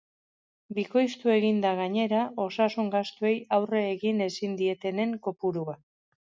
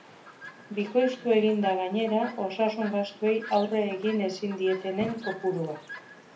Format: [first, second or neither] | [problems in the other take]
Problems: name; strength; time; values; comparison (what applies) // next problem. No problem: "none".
first | background sound (Chirp, tweet); 16 dB below the speech // room echo; dies away in 0.3 s